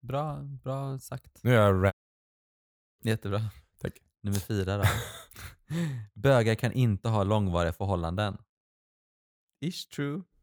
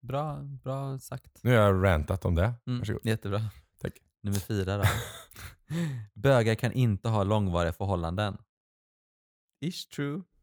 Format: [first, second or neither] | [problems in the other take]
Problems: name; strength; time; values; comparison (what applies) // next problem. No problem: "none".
second | audio cutting out; at 2 s for 1 s